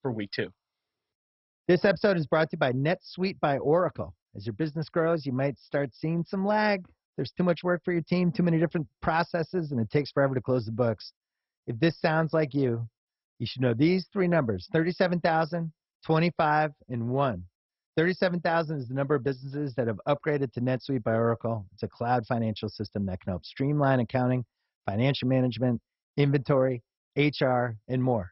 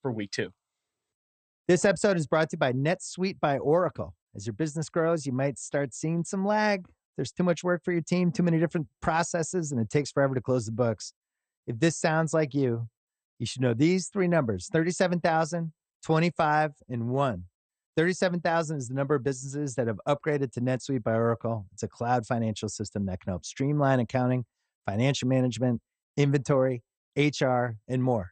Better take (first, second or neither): second